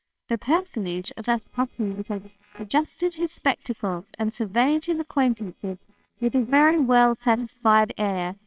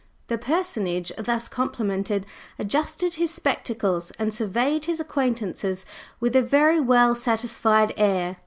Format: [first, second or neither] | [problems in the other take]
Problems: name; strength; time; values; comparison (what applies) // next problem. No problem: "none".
second | noise reduction (neural separator model SepFormer WHAMR!)